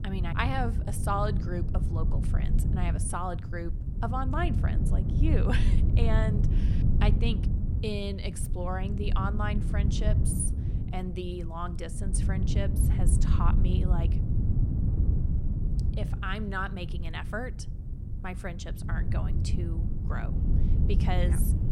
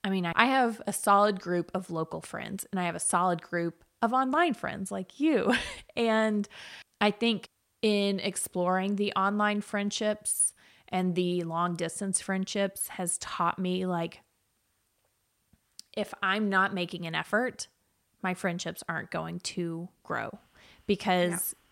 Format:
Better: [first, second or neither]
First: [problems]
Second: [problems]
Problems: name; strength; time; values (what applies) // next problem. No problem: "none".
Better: second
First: wind noise on the microphone; heavy; 7 dB below the speech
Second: none